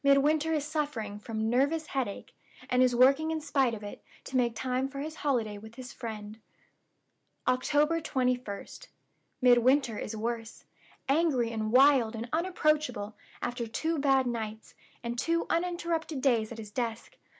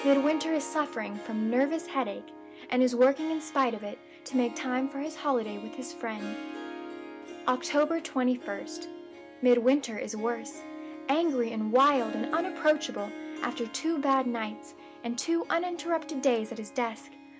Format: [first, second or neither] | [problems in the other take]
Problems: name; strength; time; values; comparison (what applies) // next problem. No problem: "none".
first | background sound (Harp); 13 dB below the speech